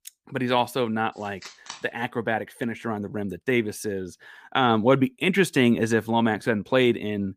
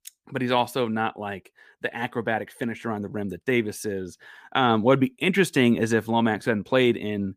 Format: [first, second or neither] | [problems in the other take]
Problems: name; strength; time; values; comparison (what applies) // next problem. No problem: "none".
second | phone ringing; faint; at 1.5 s; peak 15 dB below the speech